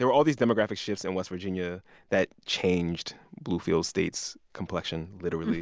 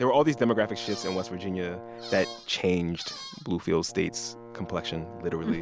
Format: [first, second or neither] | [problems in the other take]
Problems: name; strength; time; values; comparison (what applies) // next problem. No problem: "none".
first | background sound (Brass instrument + Squeak); 14 dB below the speech